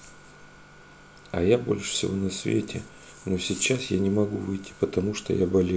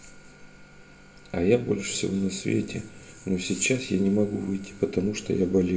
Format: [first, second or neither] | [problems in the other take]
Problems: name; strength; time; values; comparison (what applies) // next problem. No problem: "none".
first | room echo; dies away in 2 s